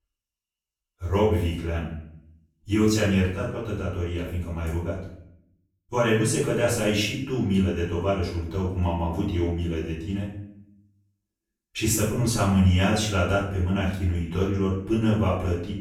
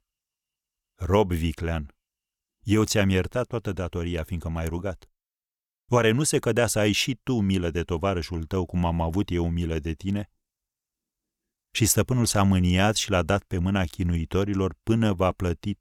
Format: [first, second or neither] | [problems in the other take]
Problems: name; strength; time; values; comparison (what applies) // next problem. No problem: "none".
second | off-mic speech; far // room echo; noticeable; dies away in 0.6 s